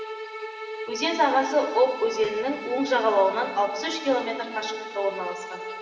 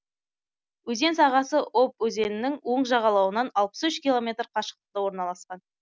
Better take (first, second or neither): second